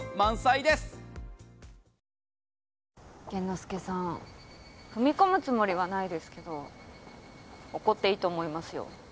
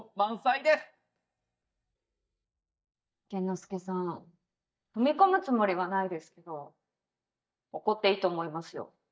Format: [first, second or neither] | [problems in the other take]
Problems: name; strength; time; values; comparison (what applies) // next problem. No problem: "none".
first | noise reduction (neural mask model DeepFilterNet 3)